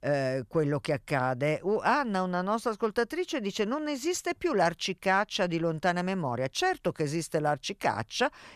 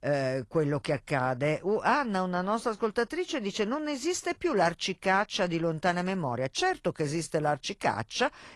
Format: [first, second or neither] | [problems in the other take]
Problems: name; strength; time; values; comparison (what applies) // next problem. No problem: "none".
first | garbled, watery; slightly; nothing above 11 kHz